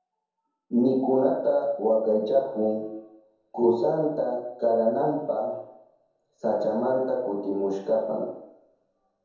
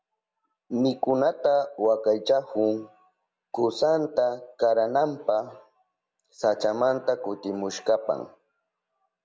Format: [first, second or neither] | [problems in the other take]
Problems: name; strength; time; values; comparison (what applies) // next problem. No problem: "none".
second | room echo; dies away in 0.9 s